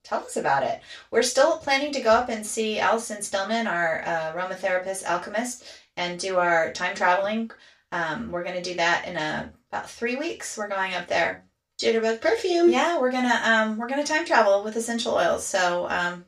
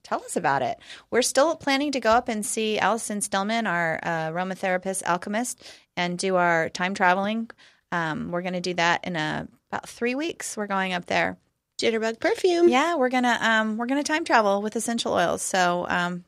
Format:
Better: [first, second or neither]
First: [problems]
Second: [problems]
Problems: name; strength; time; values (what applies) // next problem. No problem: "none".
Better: second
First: room echo; very slight; dies away in 0.3 s // off-mic speech; far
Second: none